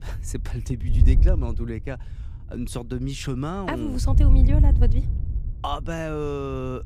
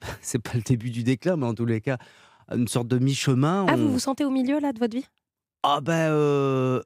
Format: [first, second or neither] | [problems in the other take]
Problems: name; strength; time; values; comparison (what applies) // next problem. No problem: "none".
second | wind noise on the microphone; heavy; 7 dB below the speech